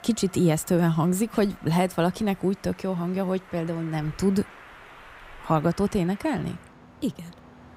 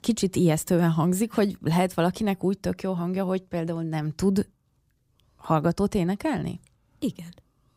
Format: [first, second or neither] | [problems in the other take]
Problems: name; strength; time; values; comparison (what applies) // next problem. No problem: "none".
second | train or aircraft noise; faint; throughout; 20 dB below the speech